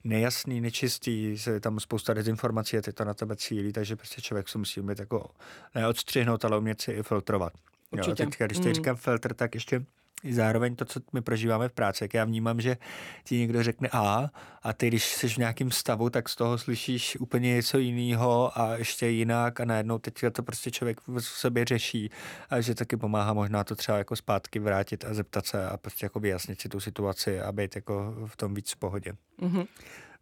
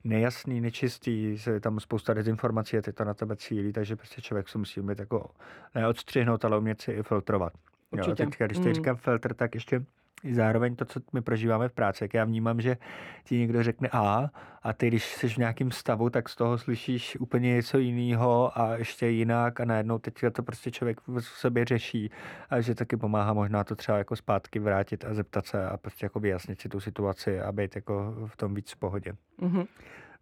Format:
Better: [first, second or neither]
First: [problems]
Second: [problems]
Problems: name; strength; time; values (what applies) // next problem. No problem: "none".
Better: first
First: none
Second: muffled; slightly; fading above 3.5 kHz